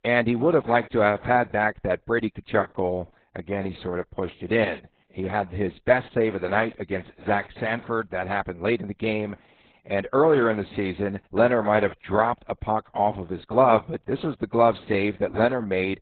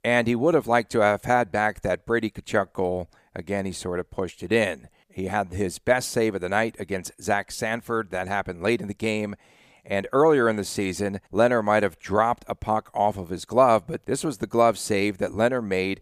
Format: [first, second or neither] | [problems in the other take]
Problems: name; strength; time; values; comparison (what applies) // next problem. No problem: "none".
second | garbled, watery; badly; nothing above 4 kHz